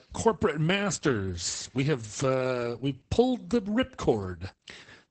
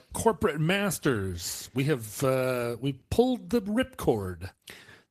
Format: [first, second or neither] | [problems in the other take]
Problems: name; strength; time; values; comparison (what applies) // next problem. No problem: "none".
second | garbled, watery; badly; nothing above 8 kHz; slightly in the second